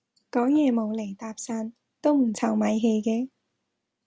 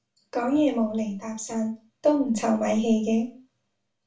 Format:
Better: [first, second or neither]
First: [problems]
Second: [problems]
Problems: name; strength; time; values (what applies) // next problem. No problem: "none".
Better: first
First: none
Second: room echo; dies away in 0.3 s